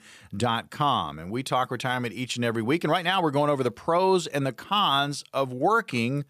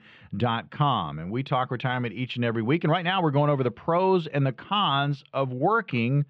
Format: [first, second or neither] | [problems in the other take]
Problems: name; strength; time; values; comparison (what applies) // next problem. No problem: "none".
first | muffled; slightly; fading above 3 kHz